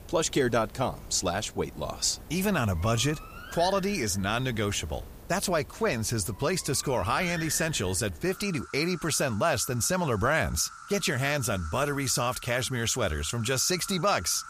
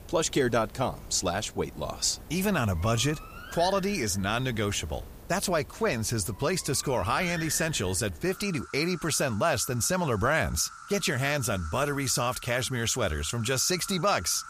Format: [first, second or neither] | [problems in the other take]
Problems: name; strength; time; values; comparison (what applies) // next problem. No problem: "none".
neither | animal sounds; noticeable; throughout; 15 dB below the speech; the same in both